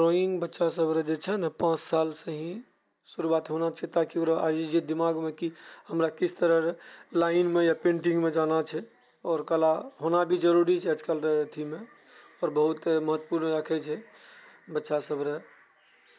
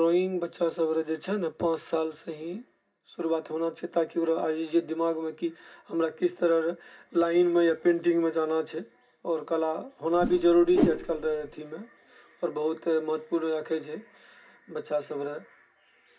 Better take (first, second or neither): first